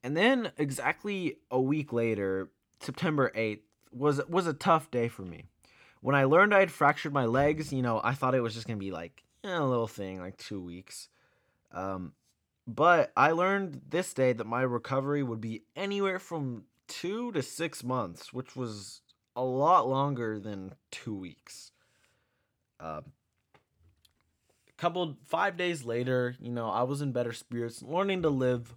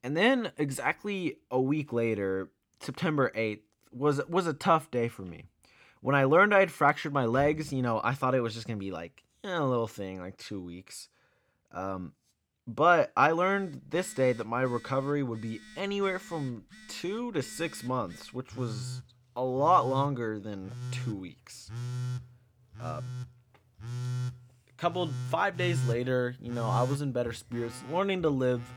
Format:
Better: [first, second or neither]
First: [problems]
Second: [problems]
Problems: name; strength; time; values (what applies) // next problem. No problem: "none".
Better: first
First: none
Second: alarms or sirens; noticeable; from 14 s on; 10 dB below the speech